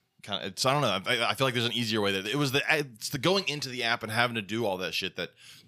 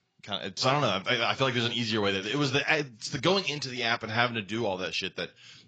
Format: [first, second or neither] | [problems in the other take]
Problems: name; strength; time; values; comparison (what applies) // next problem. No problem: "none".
first | garbled, watery; badly; nothing above 7.5 kHz